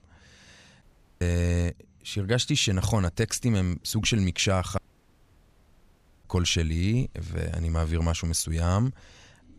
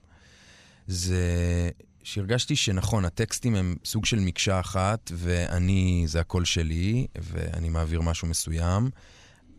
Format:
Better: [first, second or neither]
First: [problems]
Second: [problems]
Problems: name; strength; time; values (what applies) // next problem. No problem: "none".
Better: second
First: audio cutting out; at 1 s and at 5 s for 1.5 s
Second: none